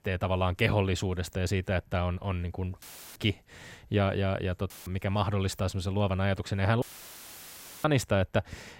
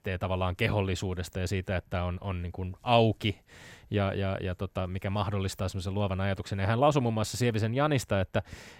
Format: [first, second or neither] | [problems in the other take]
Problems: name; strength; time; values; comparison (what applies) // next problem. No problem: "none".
second | audio cutting out; filled with static; at 3 s, at 4.5 s and at 7 s for 1 s